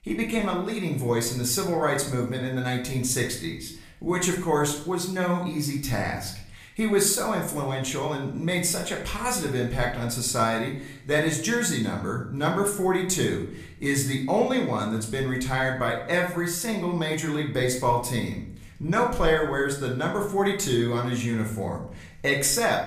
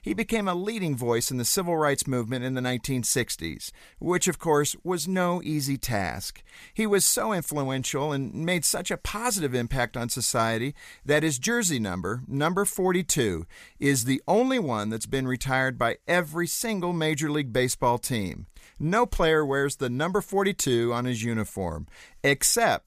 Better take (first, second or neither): second